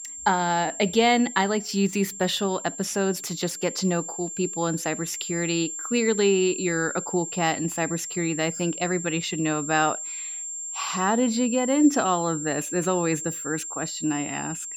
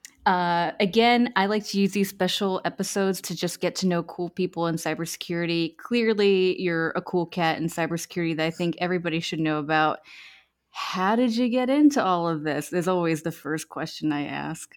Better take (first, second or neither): second